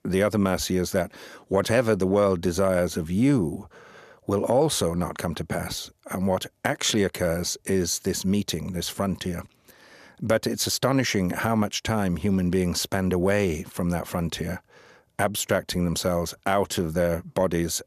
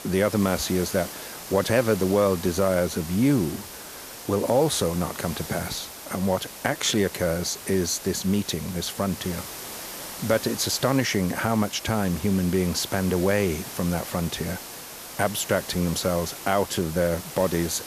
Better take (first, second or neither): first